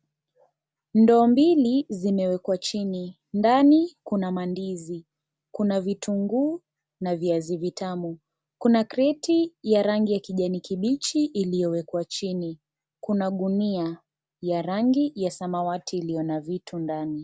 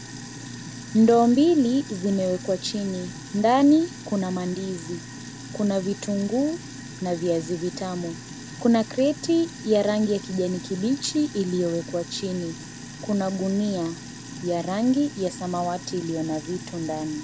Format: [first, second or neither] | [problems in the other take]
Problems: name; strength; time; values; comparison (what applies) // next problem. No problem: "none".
first | background sound (Sink (filling or washing)); 13 dB below the speech